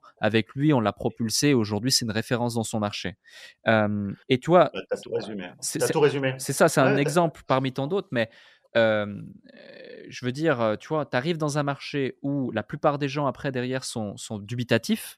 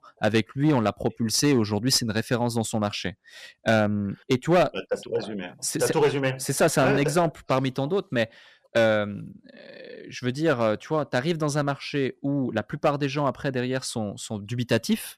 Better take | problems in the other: first | distortion; slight; 4% of the sound clipped

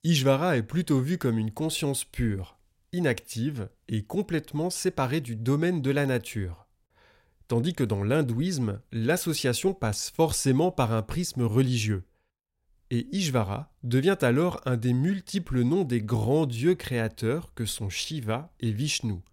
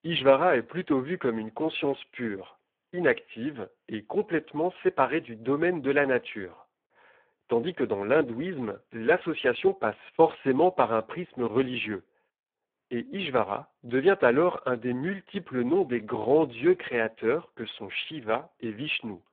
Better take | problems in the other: first | phone-call audio; poor line

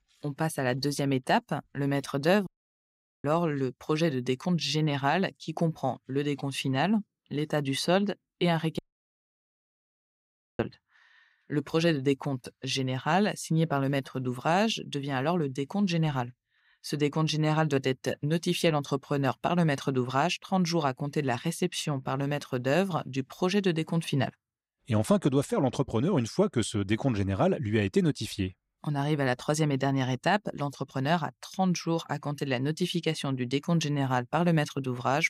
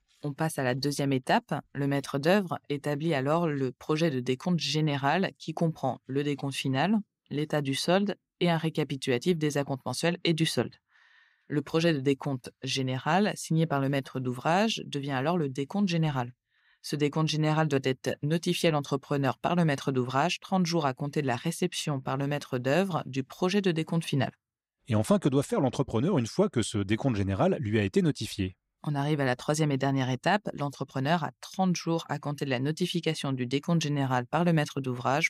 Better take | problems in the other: second | audio cutting out; at 2.5 s for 1 s and at 9 s for 2 s

